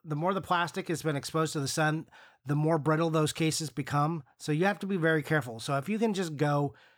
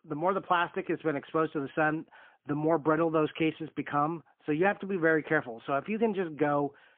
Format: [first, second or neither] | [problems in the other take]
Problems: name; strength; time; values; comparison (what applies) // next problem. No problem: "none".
first | phone-call audio; poor line; nothing above 3.5 kHz